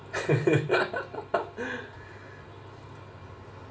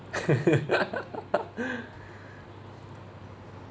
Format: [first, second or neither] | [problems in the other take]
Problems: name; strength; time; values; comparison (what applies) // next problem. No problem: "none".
second | room echo; dies away in 0.2 s